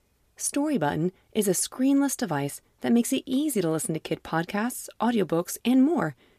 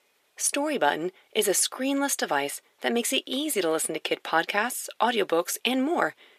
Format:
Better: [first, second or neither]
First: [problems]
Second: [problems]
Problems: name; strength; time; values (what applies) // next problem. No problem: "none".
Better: first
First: none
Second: thin; somewhat; fading below 500 Hz